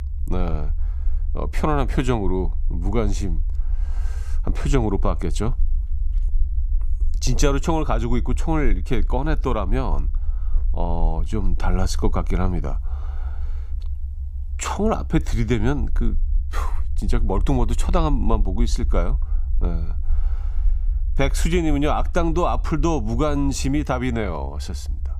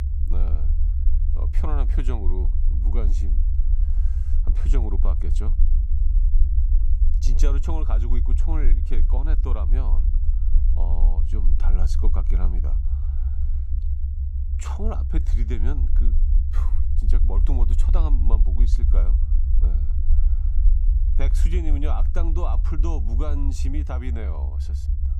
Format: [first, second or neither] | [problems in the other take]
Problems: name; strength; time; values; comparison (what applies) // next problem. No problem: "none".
first | low rumble; loud; throughout; 6 dB below the speech; faint in the first